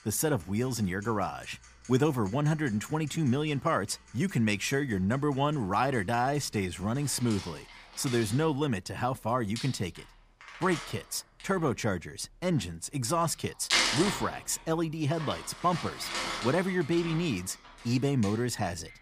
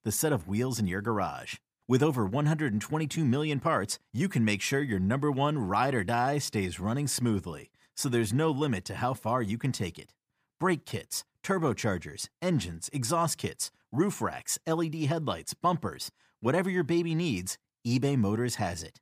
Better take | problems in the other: second | household noises; loud; throughout; 5 dB below the speech

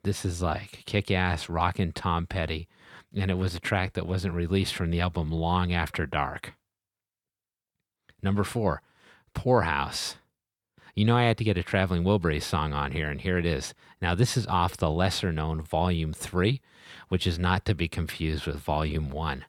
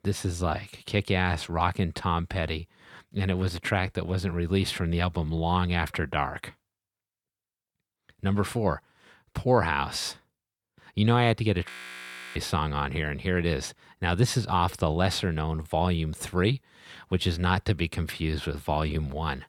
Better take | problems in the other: first | audio freezing; at 12 s for 0.5 s

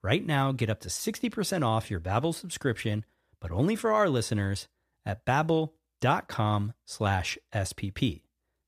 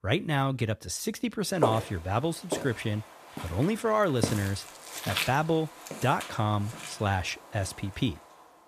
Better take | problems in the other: first | footsteps; loud; from 1.5 to 6 s; peak 1 dB above the speech

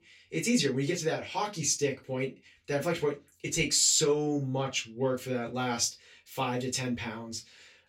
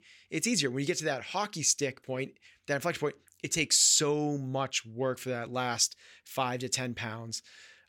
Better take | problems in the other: second | off-mic speech; far // room echo; very slight; dies away in 0.2 s

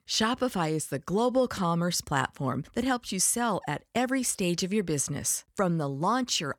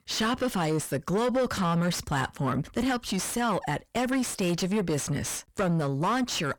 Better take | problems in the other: first | distortion; heavy; 6 dB below the speech

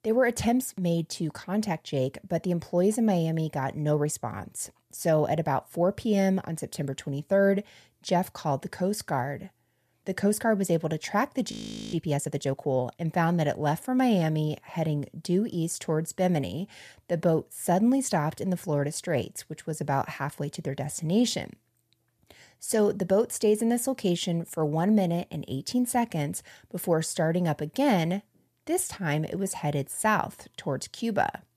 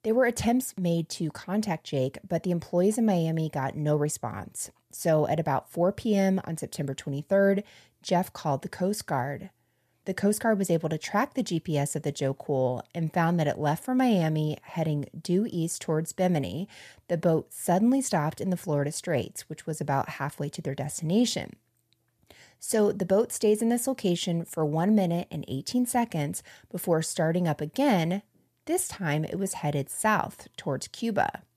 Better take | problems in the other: second | audio freezing; at 12 s

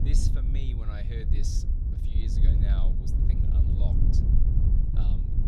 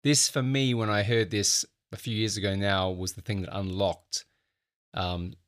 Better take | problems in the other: second | wind noise on the microphone; heavy; 3 dB above the speech

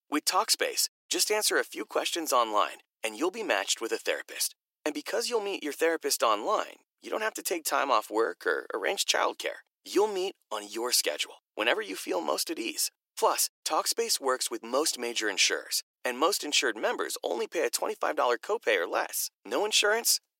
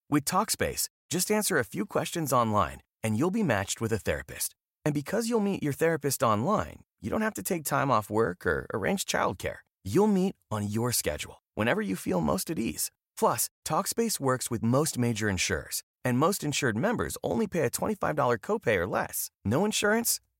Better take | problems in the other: second | thin; very; fading below 300 Hz

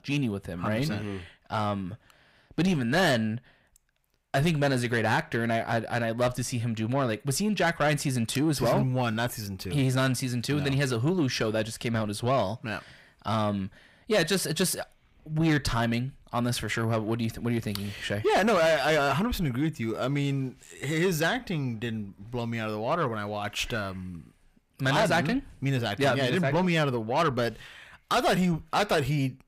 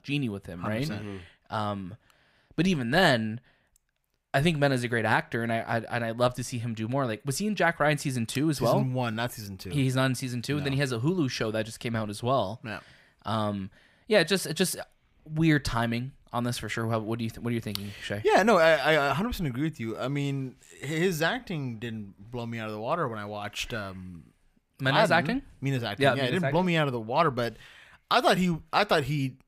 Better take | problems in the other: second | distortion; slight; 10 dB below the speech

